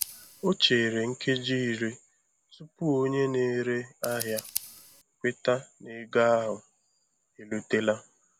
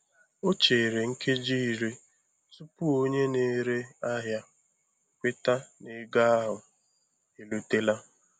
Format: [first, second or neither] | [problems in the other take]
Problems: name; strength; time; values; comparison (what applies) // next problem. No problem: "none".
second | background sound (Scissors); 16 dB below the speech